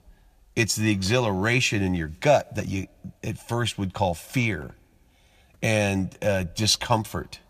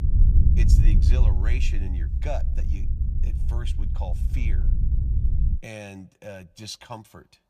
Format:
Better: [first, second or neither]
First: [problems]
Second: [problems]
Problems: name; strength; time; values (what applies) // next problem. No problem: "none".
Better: first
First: none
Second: low rumble; loud; until 5.5 s; 3 dB below the speech